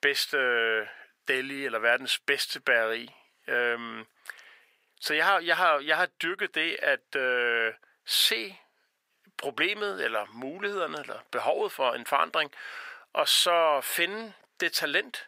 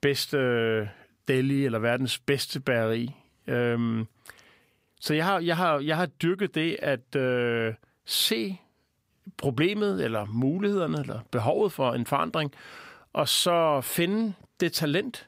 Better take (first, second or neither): second